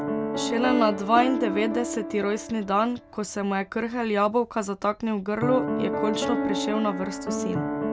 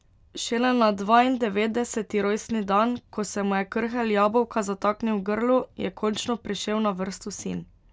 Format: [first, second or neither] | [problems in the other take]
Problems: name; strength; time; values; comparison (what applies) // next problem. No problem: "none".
second | background sound (Piano); 4 dB below the speech